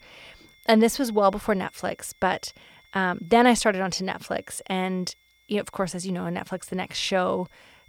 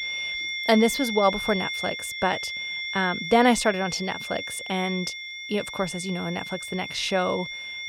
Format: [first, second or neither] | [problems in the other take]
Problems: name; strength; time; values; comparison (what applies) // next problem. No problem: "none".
first | high-pitched whine; loud; throughout; 2 kHz, 5 dB below the speech; faint in the first